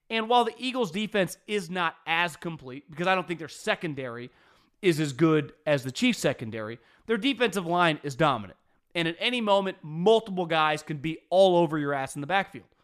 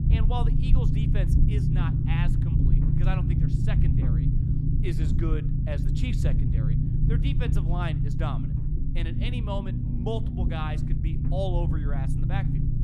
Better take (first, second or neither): first